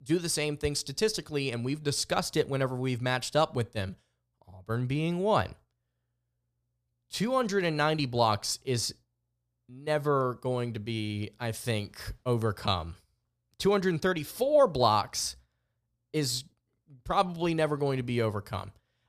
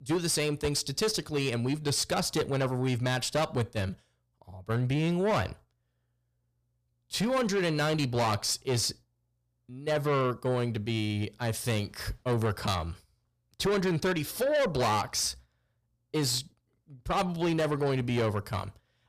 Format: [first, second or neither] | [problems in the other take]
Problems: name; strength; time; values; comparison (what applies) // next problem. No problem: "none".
first | distortion; heavy; 7 dB below the speech